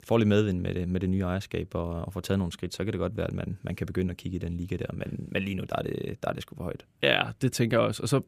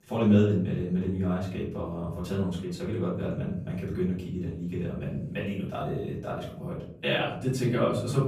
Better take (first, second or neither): first